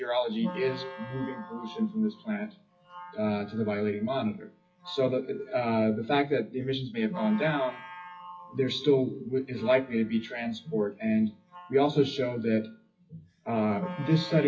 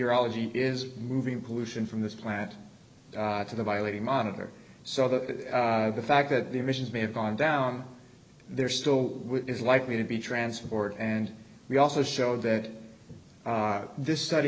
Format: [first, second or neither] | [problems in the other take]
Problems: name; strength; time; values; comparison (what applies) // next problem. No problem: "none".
second | noise reduction (classical method WPE with log-MMSE)